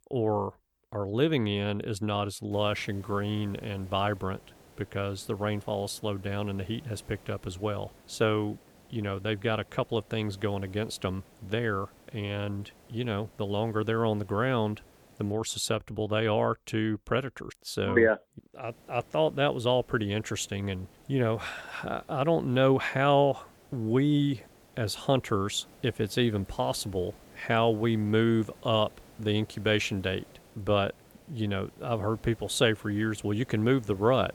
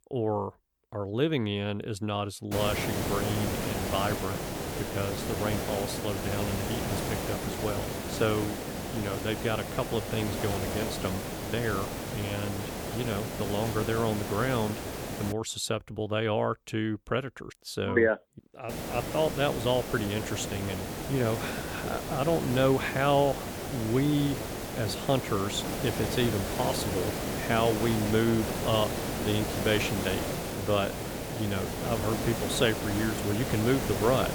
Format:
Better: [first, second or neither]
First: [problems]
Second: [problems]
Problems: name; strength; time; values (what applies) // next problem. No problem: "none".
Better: first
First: hiss; faint; from 2.5 to 15 s and from 19 s on; 25 dB below the speech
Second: hiss; loud; from 2.5 to 15 s and from 19 s on; 3 dB below the speech